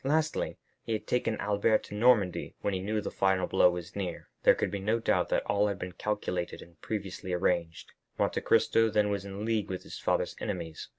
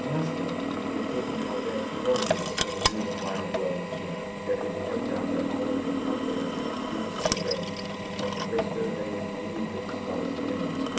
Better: first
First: none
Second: background sound (Drill); 3 dB above the speech // room echo; dies away in 0.6 s

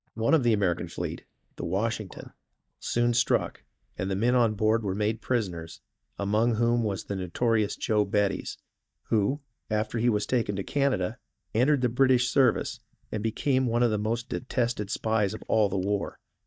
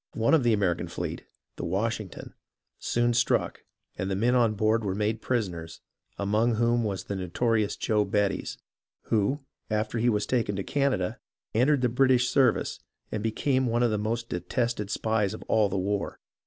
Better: second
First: noise reduction (neural mask model DeepFilterNet 3)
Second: none

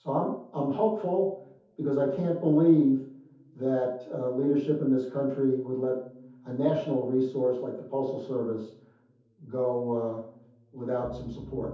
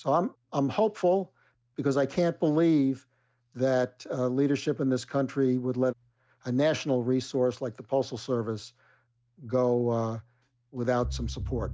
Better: second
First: room echo; dies away in 0.6 s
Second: none

